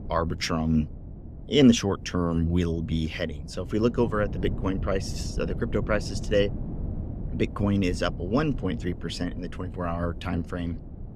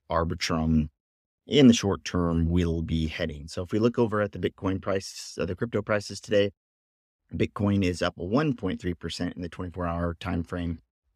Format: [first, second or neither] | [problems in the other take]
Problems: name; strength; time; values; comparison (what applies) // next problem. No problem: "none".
second | wind noise on the microphone; occasional gusts; 15 dB below the speech